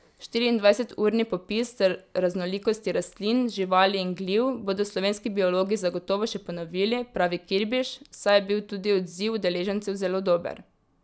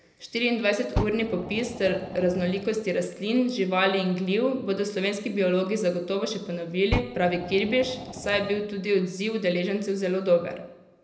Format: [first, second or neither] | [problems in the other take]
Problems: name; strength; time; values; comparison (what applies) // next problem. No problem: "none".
first | background sound (Fire); 10 dB below the speech // room echo; dies away in 0.7 s